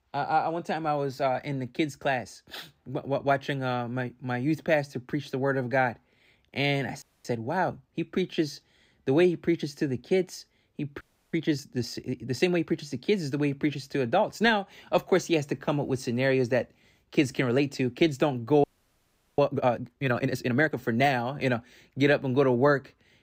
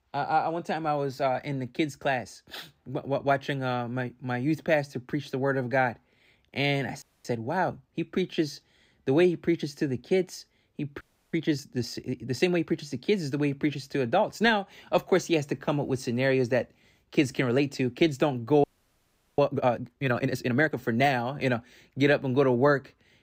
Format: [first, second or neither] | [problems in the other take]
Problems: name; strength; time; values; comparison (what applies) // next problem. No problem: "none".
neither | audio freezing; at 7 s, at 11 s and at 19 s for 0.5 s; the same in both